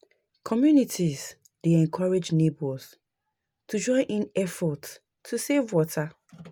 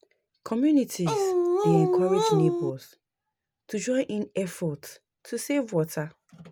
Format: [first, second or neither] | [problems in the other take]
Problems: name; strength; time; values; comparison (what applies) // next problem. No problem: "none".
first | background sound (Dog); 5 dB above the speech